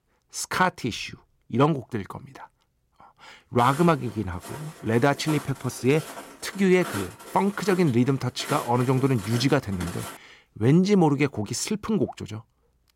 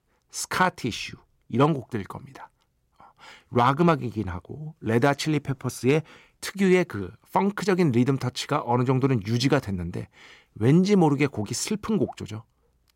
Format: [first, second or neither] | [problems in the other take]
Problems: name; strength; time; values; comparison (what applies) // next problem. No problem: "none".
second | footsteps; noticeable; from 3.5 to 10 s; peak 10 dB below the speech